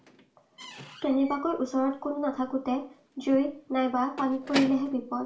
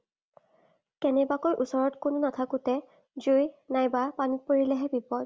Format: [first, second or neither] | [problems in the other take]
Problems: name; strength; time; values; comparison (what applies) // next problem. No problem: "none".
second | background sound (Squeak / Slam / Wood); 14 dB below the speech // room echo; dies away in 0.3 s